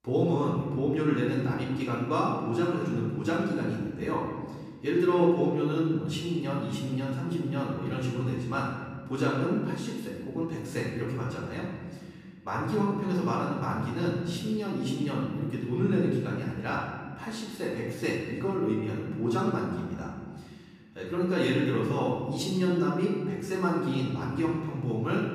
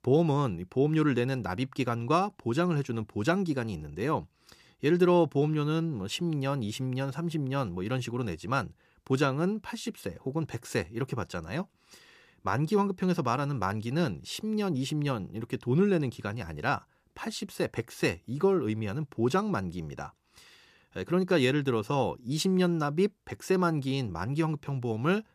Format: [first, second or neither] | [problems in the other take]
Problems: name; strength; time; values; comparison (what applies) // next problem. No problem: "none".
second | off-mic speech; far // room echo; noticeable; dies away in 1.5 s